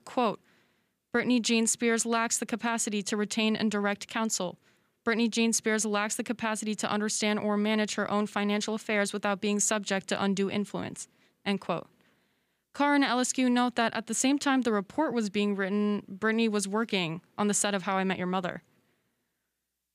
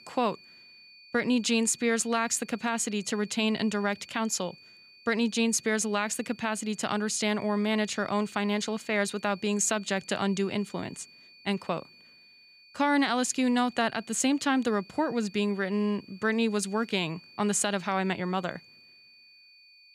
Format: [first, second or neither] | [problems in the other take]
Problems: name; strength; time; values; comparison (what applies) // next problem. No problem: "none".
first | high-pitched whine; faint; throughout; 4.5 kHz, 25 dB below the speech